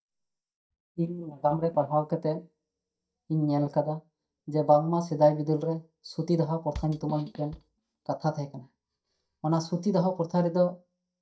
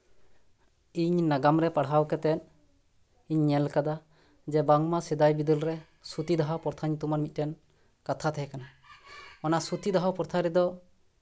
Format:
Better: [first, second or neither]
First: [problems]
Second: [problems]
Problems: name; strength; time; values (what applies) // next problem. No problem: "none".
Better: second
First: noise reduction (neural mask model DeepFilterNet 3)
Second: none